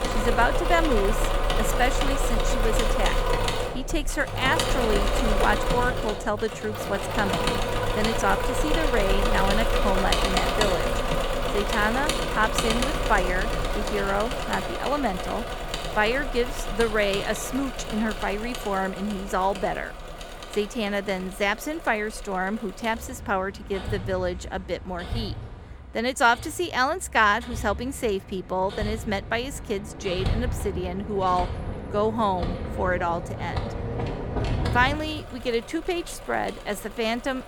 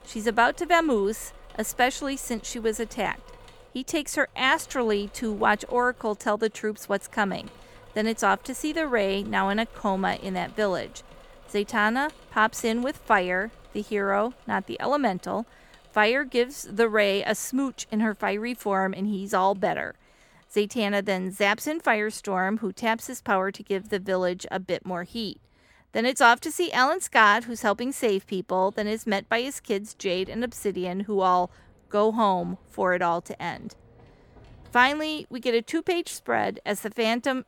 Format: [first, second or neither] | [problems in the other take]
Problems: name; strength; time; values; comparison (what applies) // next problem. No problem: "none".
second | machinery noise; loud; throughout; 1 dB below the speech; faint in the second